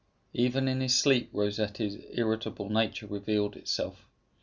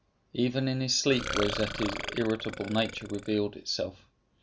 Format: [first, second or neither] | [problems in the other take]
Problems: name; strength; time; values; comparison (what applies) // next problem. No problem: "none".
first | background sound (Burping, eructation); 7 dB below the speech